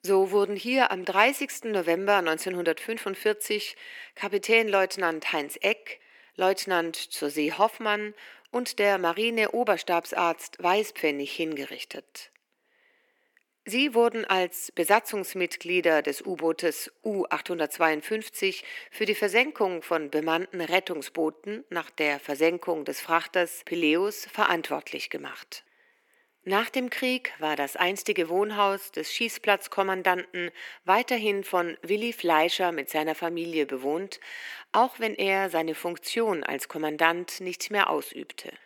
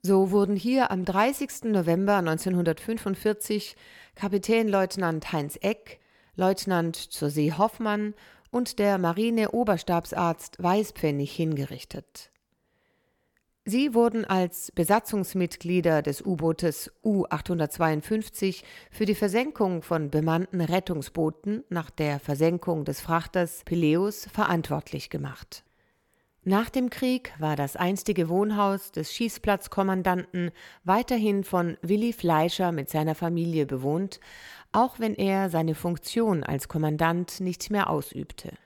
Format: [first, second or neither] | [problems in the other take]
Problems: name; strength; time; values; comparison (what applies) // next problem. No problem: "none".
second | thin; somewhat; fading below 300 Hz